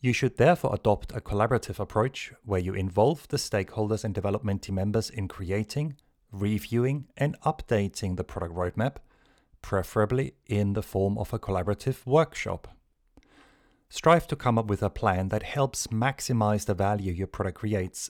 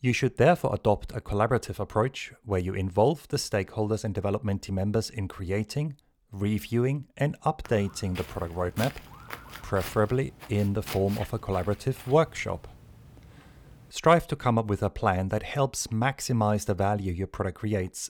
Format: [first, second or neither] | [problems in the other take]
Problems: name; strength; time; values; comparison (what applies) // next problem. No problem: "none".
first | footsteps; faint; from 7.5 to 14 s; peak 10 dB below the speech